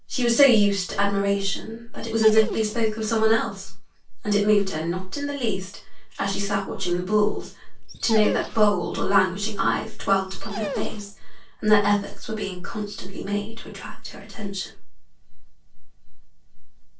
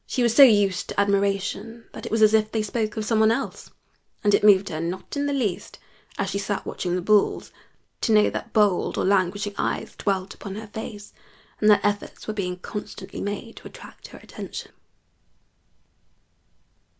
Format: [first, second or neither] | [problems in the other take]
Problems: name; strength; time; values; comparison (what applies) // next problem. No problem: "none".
second | noise reduction (neural separator model SepFormer DNS4)